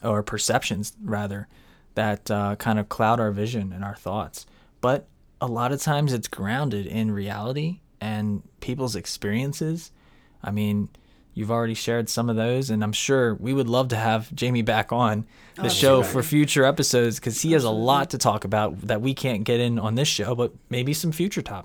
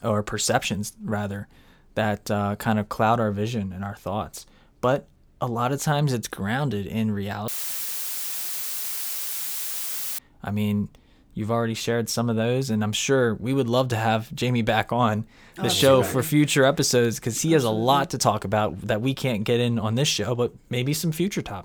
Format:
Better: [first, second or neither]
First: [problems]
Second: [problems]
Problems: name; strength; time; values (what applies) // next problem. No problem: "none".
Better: first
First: none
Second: audio cutting out; filled with static; at 7.5 s for 2.5 s